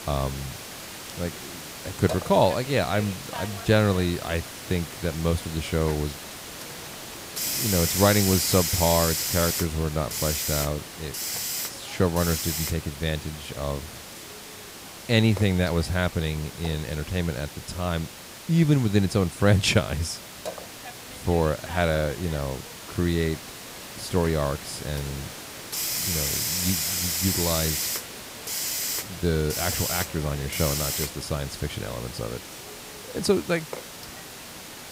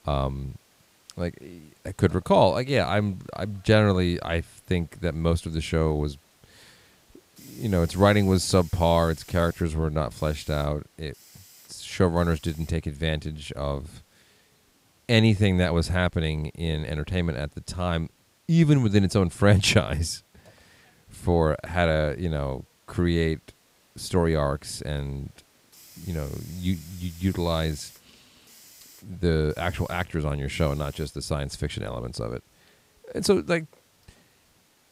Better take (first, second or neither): second